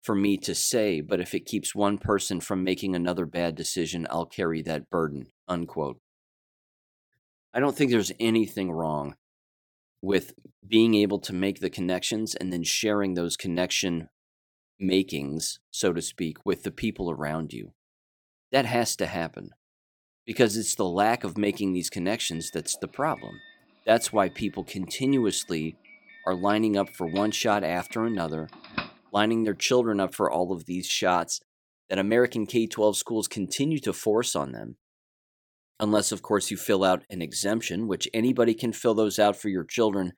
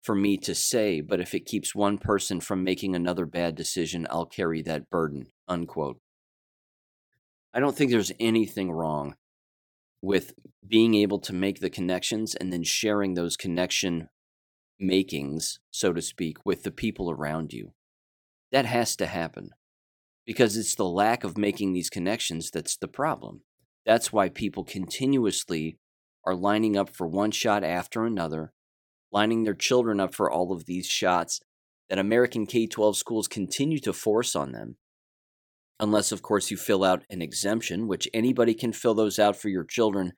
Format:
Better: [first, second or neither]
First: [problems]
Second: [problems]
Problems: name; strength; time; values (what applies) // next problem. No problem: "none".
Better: second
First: doorbell; noticeable; from 27 to 29 s; peak 8 dB below the speech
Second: none